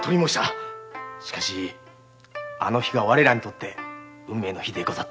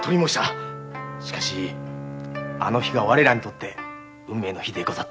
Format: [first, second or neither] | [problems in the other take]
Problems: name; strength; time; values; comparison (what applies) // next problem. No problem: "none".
first | background sound (Bowed string instrument); 12 dB below the speech